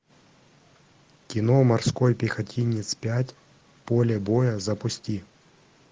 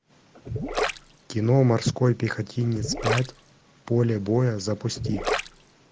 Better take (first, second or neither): first